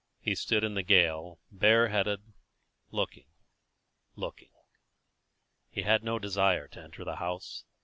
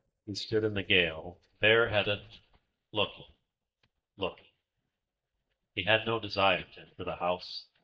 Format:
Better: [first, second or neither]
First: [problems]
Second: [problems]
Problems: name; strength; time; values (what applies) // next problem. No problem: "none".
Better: first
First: none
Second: noise reduction (neural mask model DeepFilterNet 3)